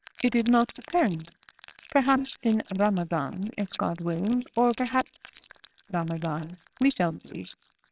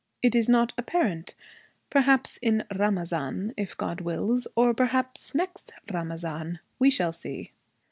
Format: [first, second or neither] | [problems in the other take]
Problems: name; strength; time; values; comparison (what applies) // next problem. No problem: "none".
second | noise reduction (neural separator model SepFormer WHAMR!)